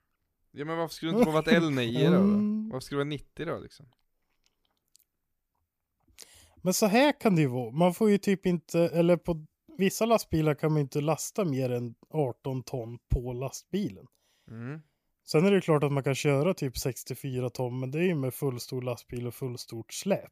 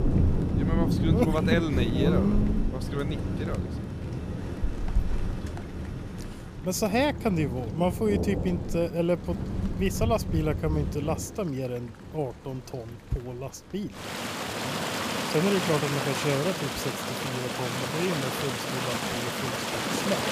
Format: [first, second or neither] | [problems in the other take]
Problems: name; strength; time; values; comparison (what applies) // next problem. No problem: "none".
first | rain or running water; loud; throughout; as loud as the speech